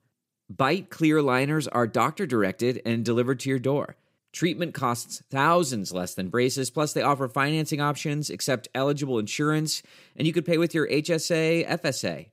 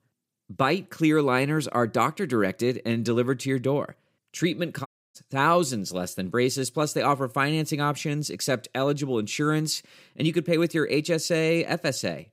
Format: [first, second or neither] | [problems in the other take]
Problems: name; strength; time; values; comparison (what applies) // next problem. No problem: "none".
first | audio cutting out; at 5 s